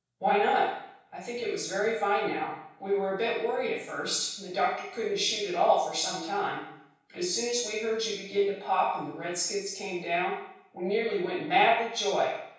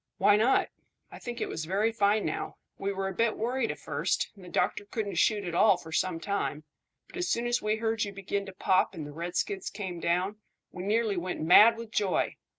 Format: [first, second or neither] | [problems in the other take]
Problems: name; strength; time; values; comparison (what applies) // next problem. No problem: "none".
second | room echo; dies away in 0.7 s